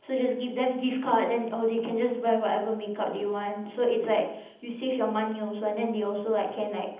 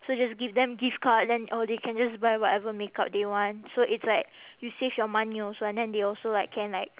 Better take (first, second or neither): second